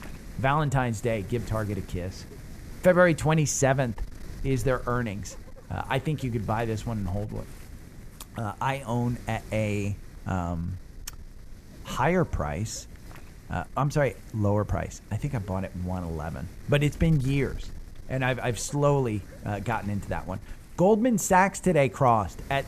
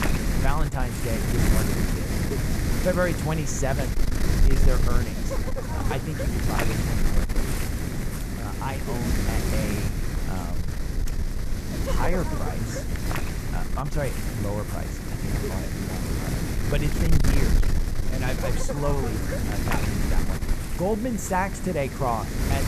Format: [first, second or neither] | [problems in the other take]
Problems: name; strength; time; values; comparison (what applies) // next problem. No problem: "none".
first | wind noise on the microphone; heavy; 1 dB below the speech; occasional gusts in the first